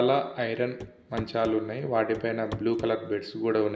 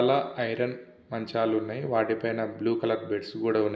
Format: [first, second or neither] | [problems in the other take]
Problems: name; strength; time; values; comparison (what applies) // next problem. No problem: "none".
second | background sound (Walk, footsteps / Run / Wood); 14 dB below the speech